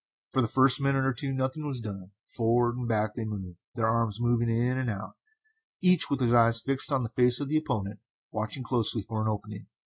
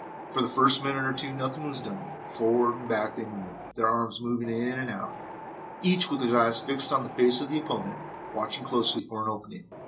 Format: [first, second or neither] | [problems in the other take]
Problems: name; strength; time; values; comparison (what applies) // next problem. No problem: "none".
first | background sound (Wind); 12 dB below the speech // room echo; dies away in 0.2 s